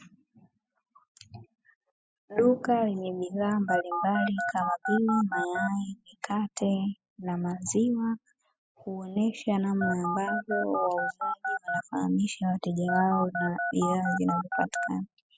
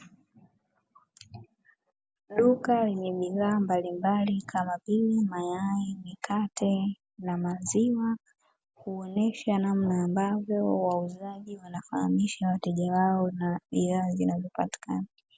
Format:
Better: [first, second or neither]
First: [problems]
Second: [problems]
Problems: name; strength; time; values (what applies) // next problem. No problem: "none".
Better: second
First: noise reduction (classical method spectral subtraction)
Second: none